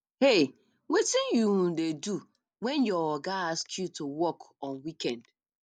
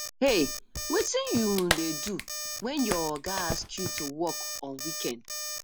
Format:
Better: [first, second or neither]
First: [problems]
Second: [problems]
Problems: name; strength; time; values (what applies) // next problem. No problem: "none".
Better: first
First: none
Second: background sound (Alarm + Clapping); 4 dB below the speech